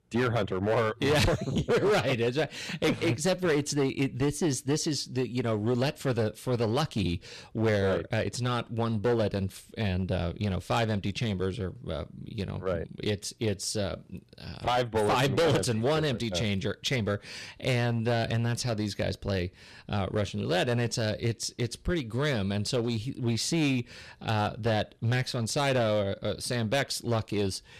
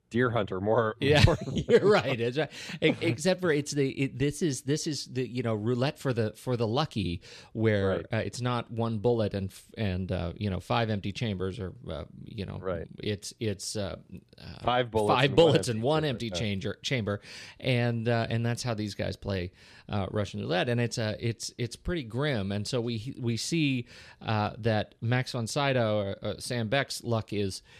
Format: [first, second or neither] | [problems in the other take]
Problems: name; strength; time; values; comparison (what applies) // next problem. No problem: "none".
second | distortion; heavy; 9% of the sound clipped